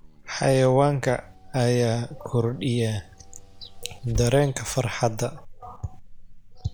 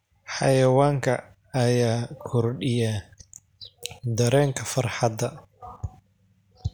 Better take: second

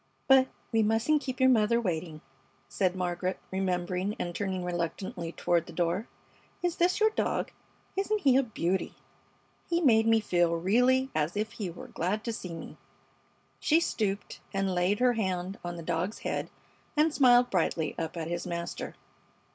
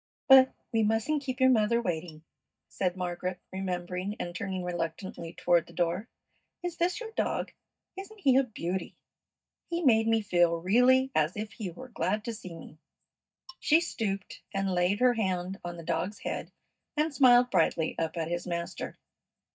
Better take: first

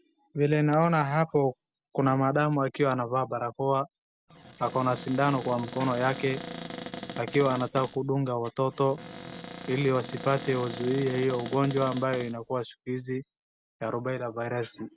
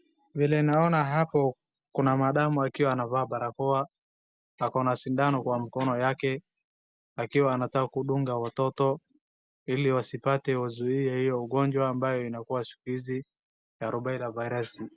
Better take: second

